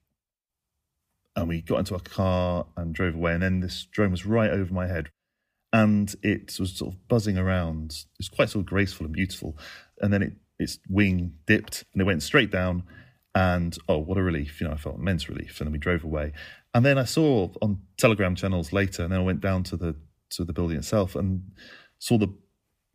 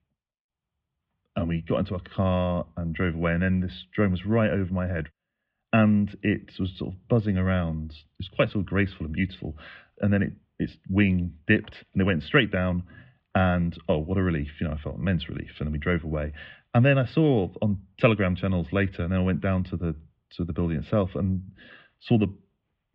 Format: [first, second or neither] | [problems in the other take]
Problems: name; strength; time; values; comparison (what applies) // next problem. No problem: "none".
first | muffled; very; fading above 3.5 kHz